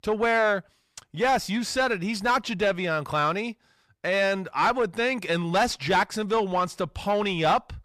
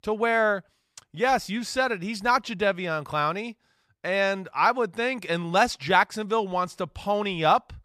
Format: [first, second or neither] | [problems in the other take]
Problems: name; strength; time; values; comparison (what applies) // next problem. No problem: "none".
second | distortion; slight; 10 dB below the speech